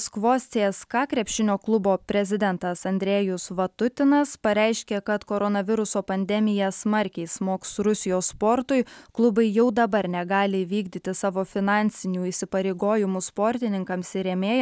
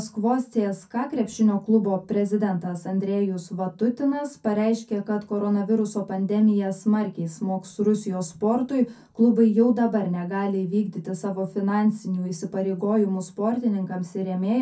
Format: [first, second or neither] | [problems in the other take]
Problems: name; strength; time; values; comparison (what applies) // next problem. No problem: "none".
first | room echo; dies away in 0.3 s